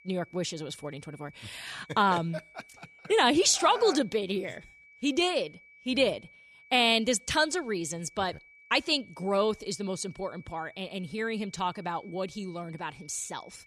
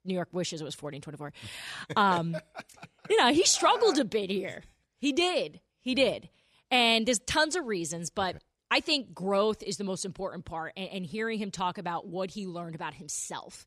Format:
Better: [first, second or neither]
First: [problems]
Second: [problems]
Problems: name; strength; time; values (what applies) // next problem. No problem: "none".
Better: second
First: high-pitched whine; faint; throughout; 2.5 kHz, 25 dB below the speech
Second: none